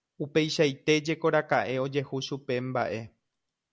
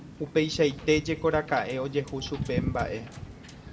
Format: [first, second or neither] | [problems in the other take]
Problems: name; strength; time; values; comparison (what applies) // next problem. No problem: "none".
first | background sound (Wind / Boat, Water vehicle); 8 dB below the speech // room echo; dies away in 2.1 s